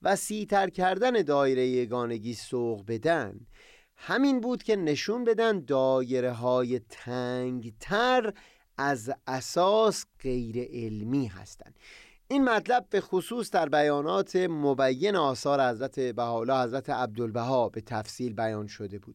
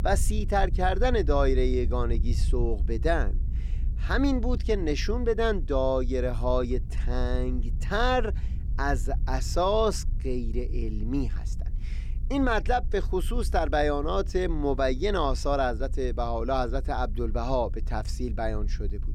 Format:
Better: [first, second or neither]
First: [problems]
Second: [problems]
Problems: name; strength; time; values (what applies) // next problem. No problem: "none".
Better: first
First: none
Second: low rumble; faint; throughout; 20 dB below the speech